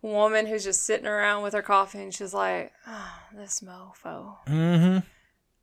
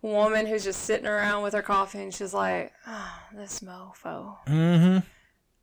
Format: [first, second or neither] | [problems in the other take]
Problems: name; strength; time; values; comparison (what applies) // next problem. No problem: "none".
first | distortion; slight; 9 dB below the speech